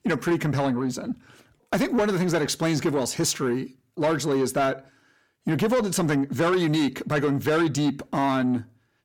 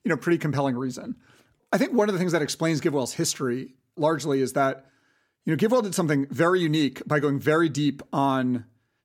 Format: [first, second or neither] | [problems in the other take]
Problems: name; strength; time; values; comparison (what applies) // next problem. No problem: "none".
second | distortion; slight; 10 dB below the speech